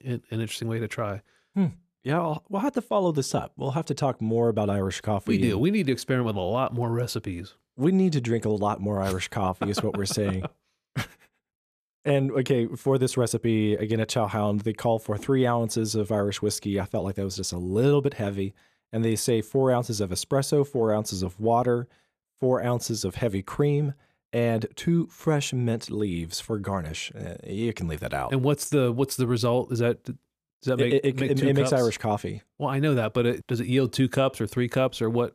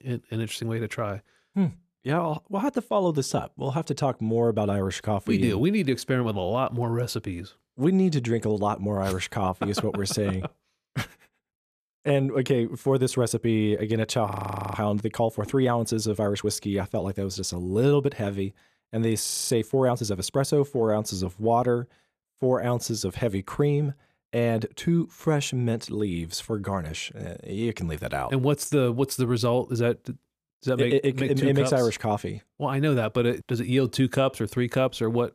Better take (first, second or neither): first